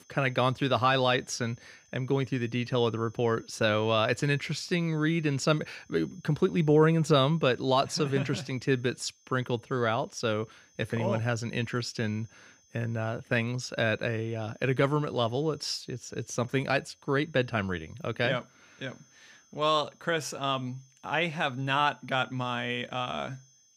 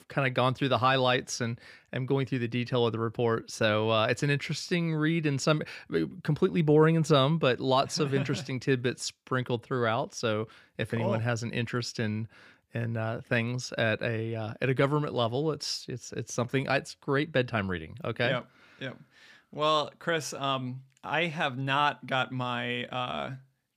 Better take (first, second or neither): second